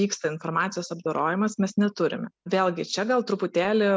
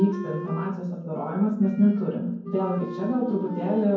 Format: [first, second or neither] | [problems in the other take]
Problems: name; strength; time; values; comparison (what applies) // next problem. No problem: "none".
first | background sound (Wind instrument, woodwind instrument); 13 dB below the speech // room echo; dies away in 0.9 s